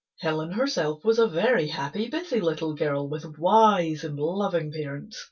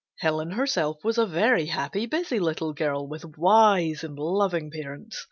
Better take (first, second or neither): second